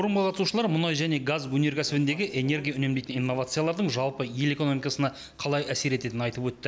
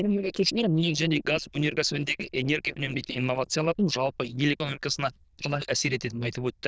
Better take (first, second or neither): first